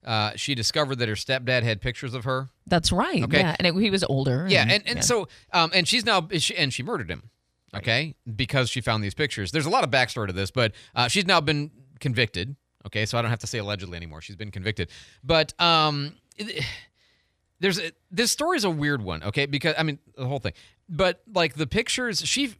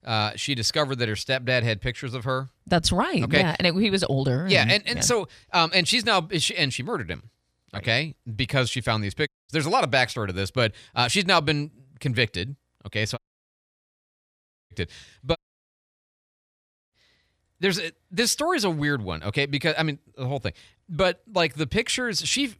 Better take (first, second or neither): first